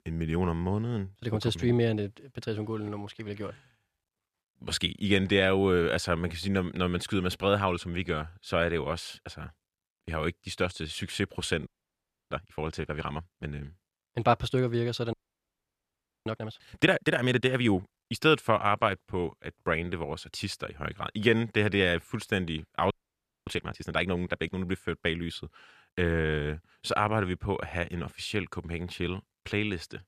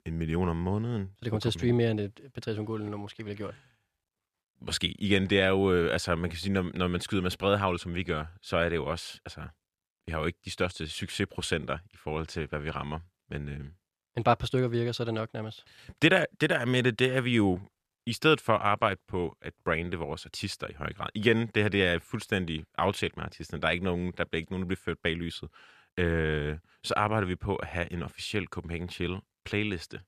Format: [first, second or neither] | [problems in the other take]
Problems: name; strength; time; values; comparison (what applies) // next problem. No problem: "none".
second | audio freezing; at 12 s for 0.5 s, at 15 s for 1 s and at 23 s for 0.5 s